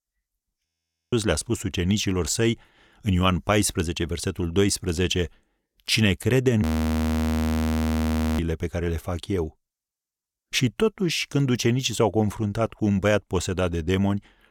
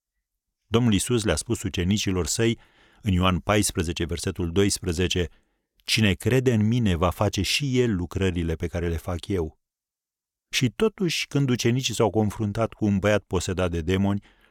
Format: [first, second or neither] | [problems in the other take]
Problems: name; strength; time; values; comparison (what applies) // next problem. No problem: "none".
second | audio freezing; at 0.5 s and at 6.5 s for 2 s